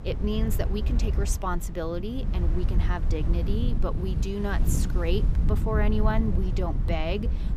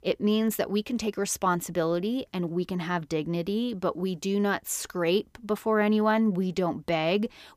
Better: second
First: wind noise on the microphone; heavy; 9 dB below the speech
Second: none

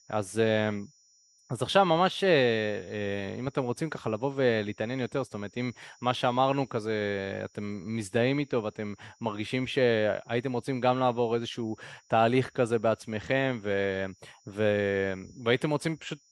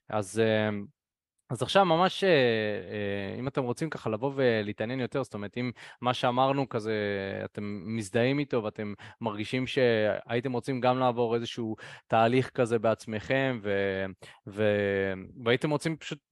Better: second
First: high-pitched whine; faint; throughout; 6 kHz, 30 dB below the speech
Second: none

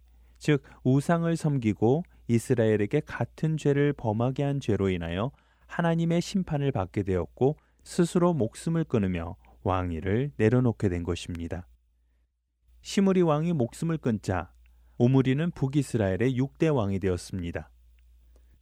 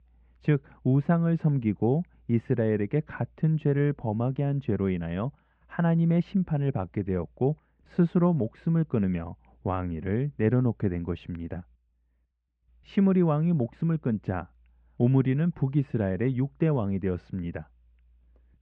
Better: first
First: none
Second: muffled; very; fading above 2.5 kHz

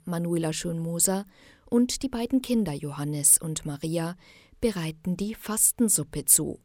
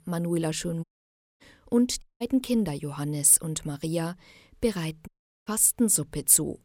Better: first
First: none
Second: audio cutting out; at 1 s for 0.5 s, at 2 s and at 5 s

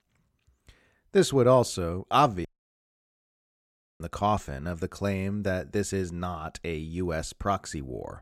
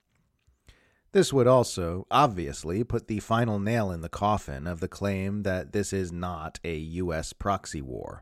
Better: second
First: audio cutting out; at 2.5 s for 1.5 s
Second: none

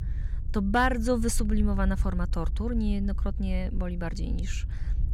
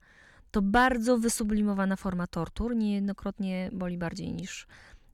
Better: second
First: low rumble; faint; throughout; 20 dB below the speech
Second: none

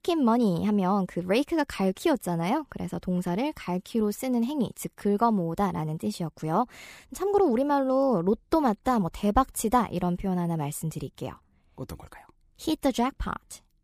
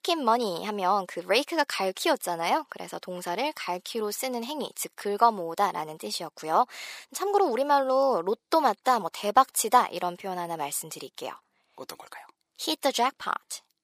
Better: first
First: none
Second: thin; very; fading below 600 Hz

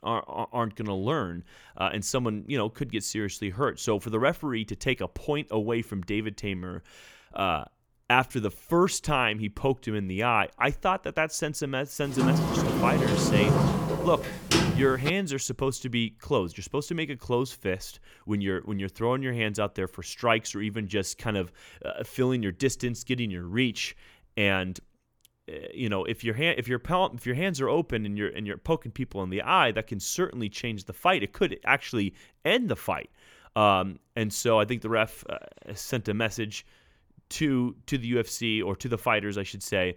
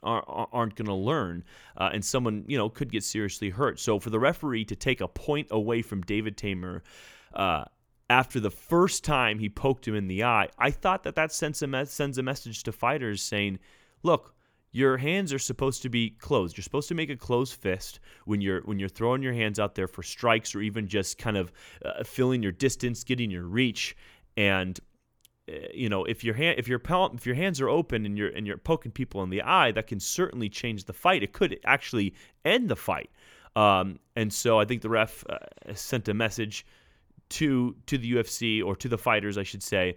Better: second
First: door banging; loud; from 12 to 15 s; peak 6 dB above the speech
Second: none

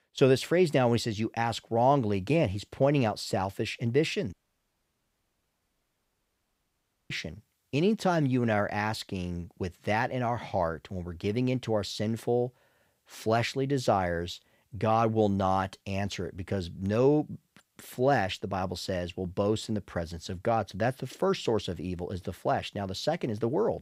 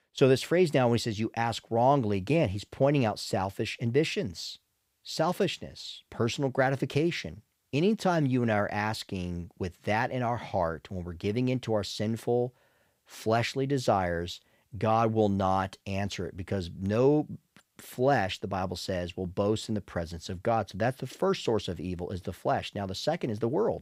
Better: second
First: audio cutting out; at 4.5 s for 3 s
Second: none

